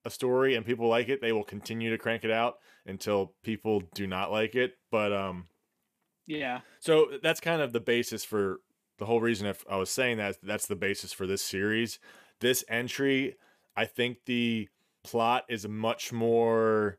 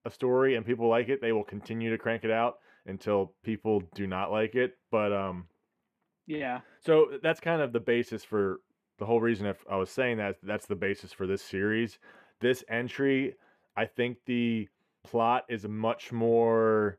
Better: first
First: none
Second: muffled; slightly; fading above 3.5 kHz

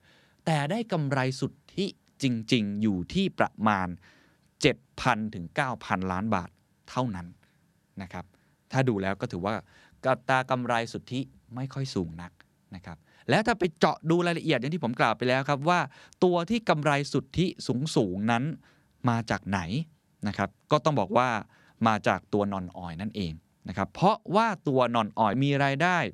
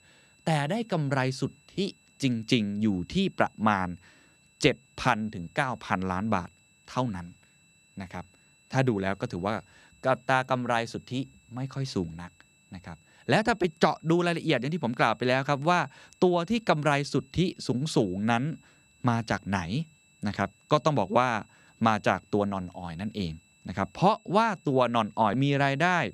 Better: first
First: none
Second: high-pitched whine; faint; throughout; 2.5 kHz, 35 dB below the speech

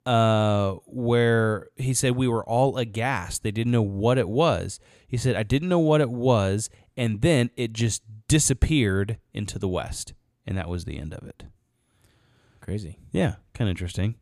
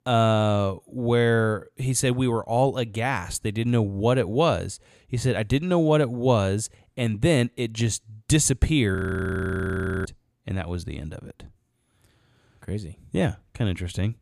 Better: first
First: none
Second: audio freezing; at 9 s for 1 s

